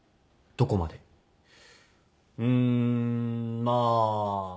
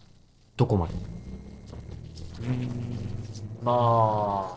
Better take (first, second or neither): first